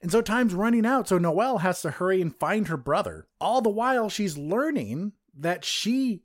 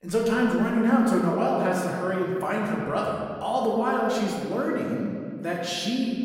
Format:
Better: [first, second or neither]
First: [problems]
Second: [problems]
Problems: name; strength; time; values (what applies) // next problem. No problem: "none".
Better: first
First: none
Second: off-mic speech; far // room echo; noticeable; dies away in 1.8 s